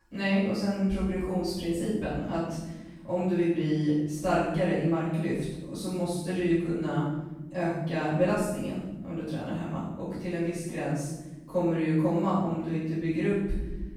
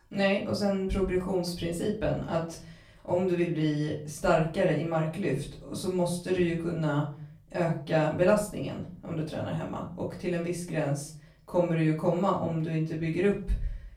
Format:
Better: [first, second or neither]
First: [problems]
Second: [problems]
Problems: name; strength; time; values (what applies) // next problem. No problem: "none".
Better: second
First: room echo; strong; dies away in 1.3 s // off-mic speech; far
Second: room echo; slight; dies away in 0.4 s // off-mic speech; far